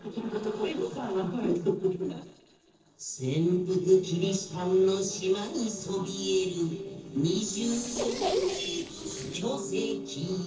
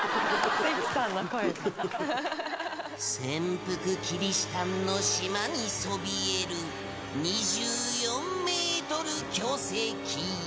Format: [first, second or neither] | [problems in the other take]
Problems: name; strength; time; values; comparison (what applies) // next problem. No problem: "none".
second | noise reduction (neural separator model SepFormer DNS4)